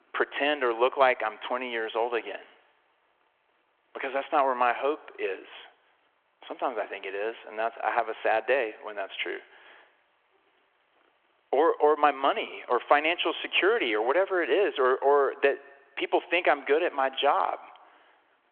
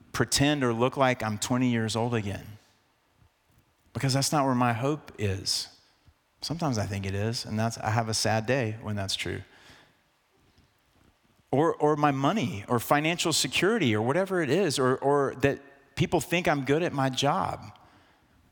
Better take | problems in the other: second | phone-call audio

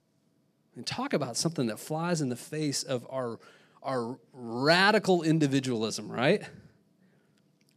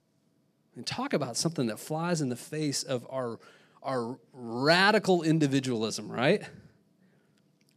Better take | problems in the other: neither | none

